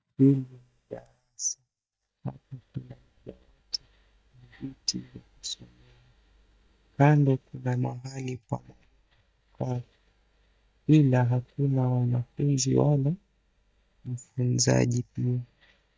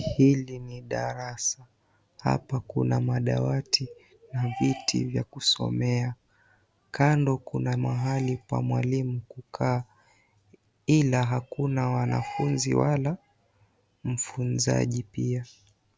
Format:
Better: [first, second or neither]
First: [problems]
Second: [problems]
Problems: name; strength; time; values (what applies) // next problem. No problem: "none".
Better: second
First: noise reduction (neural mask model DeepFilterNet 3)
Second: none